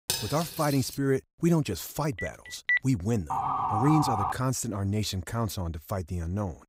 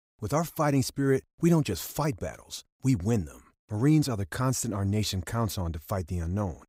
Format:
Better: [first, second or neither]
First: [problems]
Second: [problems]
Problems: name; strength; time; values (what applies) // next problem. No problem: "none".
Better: second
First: clattering dishes; noticeable; at the start; peak 1 dB below the speech // phone ringing; loud; at 2 s; peak 3 dB above the speech // siren; loud; from 3.5 to 4.5 s; peak 1 dB above the speech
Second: none